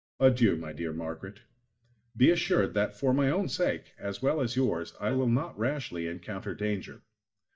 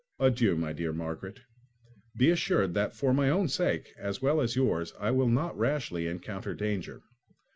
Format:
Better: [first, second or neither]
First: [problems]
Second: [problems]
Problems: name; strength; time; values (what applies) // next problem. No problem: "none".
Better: second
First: noise reduction (neural mask model DeepFilterNet 3)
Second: none